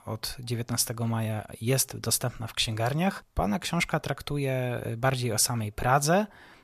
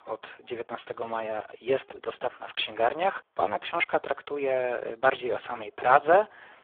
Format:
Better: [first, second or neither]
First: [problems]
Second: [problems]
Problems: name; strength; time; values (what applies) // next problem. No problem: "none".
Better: first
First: none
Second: phone-call audio; poor line; nothing above 3.5 kHz